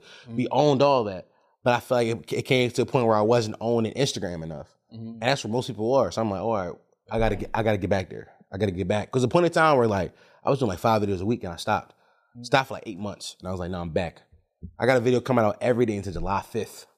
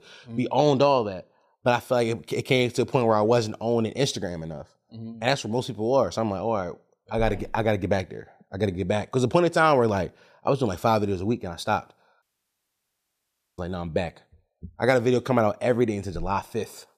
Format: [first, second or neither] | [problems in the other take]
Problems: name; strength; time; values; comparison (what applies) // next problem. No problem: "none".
first | audio cutting out; at 12 s for 1.5 s